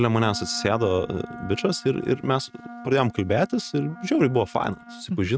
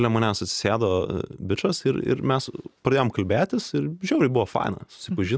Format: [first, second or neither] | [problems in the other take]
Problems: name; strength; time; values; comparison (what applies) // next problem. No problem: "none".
second | noise reduction (neural mask model RNNoise)